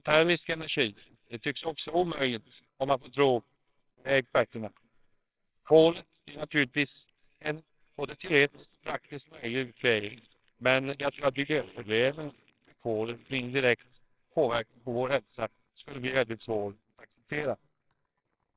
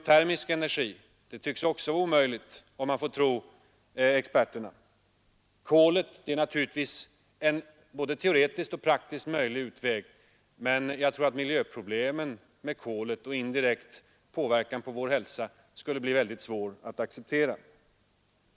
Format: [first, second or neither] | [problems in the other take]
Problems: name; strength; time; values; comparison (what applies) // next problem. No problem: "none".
second | noise reduction (neural separator model SepFormer WHAMR!)